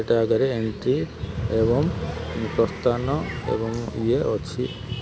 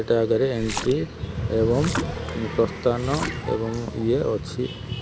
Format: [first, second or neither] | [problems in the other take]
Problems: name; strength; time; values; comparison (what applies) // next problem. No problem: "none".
first | background sound (Splash, splatter); 11 dB below the speech